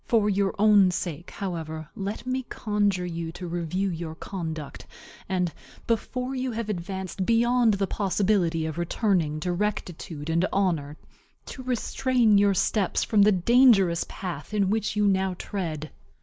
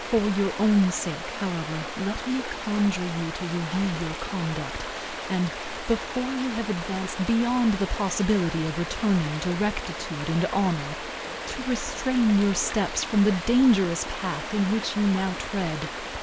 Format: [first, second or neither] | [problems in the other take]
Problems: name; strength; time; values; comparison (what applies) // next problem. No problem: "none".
first | background sound (Stream); 8 dB below the speech